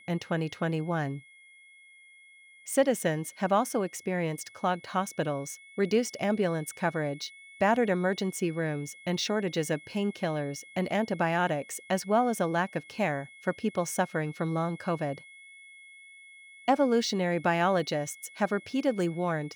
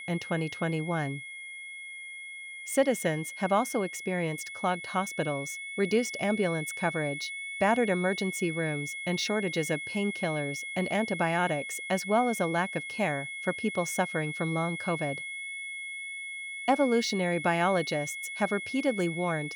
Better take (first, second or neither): first